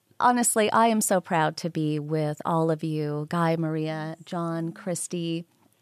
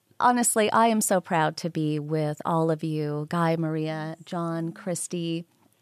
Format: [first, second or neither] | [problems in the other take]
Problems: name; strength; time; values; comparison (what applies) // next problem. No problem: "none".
neither | none